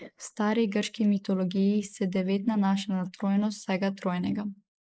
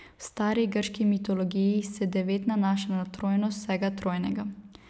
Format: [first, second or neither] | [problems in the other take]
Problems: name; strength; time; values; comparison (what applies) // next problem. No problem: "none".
second | noise reduction (neural mask model Resemble Enhance denoiser)